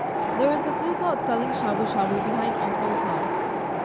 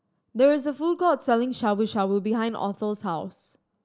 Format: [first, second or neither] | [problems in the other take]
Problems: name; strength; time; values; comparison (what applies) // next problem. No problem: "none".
second | background sound (Wind); 3 dB above the speech